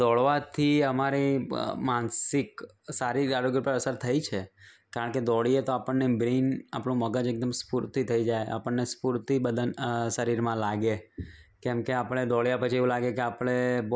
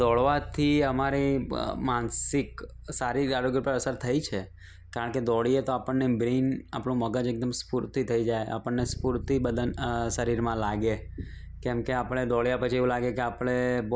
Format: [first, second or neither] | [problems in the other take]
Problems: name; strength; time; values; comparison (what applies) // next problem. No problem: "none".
first | background sound (Bass guitar); 14 dB below the speech